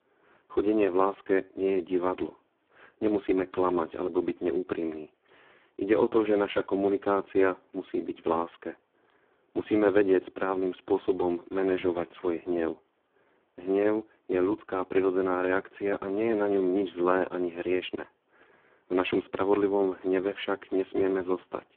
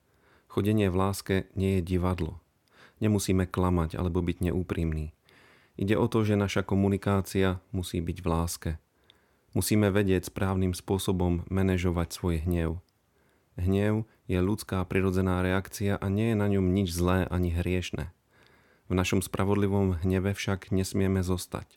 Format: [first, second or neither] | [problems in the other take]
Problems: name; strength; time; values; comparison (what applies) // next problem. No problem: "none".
second | phone-call audio; poor line